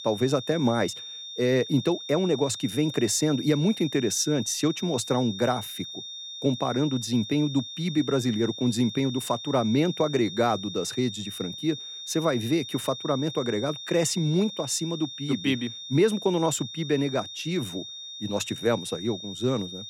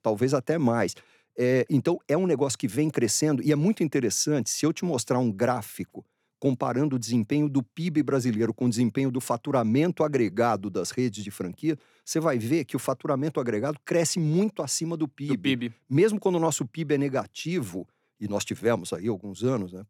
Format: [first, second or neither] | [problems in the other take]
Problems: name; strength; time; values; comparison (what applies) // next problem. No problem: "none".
second | high-pitched whine; loud; throughout; 3.5 kHz, 10 dB below the speech